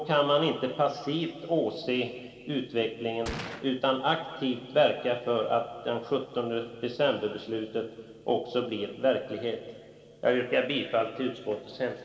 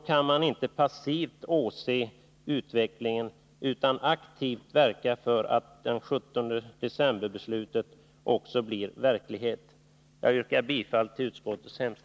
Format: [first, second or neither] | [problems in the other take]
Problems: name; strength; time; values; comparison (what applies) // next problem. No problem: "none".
second | background sound (Gunshot, gunfire); 12 dB below the speech // room echo; dies away in 2.1 s